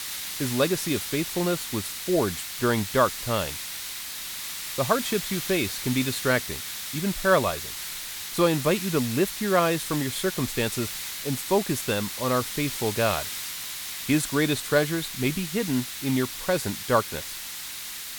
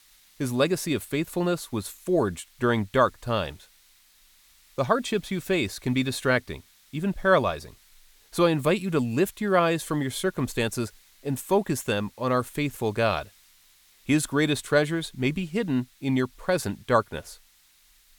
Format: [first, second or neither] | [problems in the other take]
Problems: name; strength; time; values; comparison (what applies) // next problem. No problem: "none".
second | hiss; loud; throughout; 6 dB below the speech; faint in the second